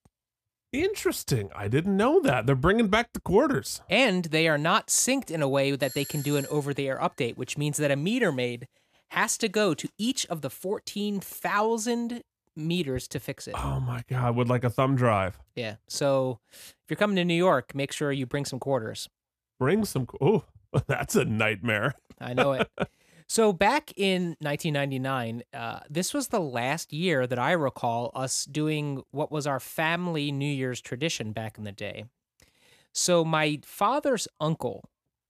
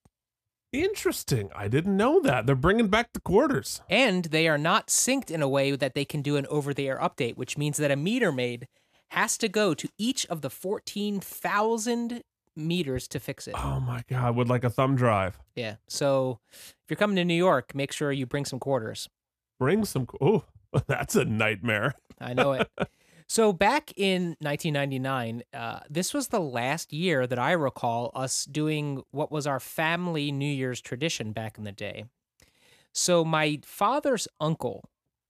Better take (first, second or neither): second